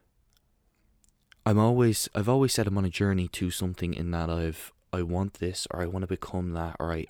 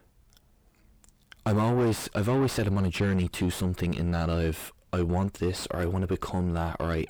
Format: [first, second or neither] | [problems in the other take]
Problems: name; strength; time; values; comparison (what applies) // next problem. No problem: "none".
first | distortion; heavy; 4 dB below the speech